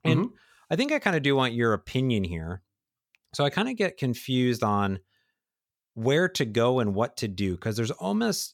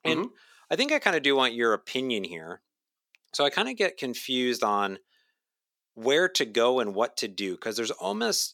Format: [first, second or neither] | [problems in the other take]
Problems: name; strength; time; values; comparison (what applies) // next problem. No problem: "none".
first | thin; somewhat; fading below 300 Hz